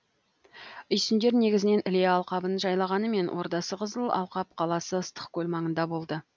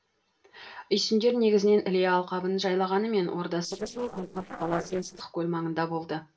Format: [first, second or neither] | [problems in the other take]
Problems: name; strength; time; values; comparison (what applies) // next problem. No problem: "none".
first | noise reduction (neural separator model SepFormer DNS4)